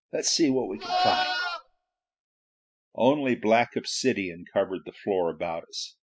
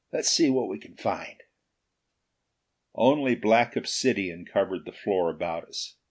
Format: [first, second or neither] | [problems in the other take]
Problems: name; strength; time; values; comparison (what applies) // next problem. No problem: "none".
second | noise reduction (classical method spectral subtraction)